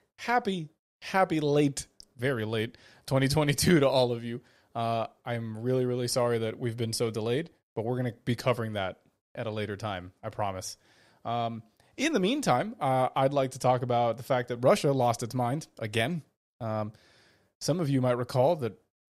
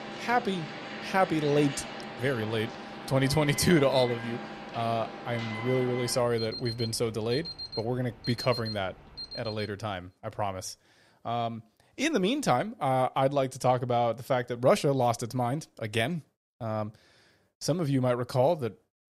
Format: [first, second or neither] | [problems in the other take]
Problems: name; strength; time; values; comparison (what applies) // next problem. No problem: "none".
first | alarms or sirens; loud; until 9.5 s; 10 dB below the speech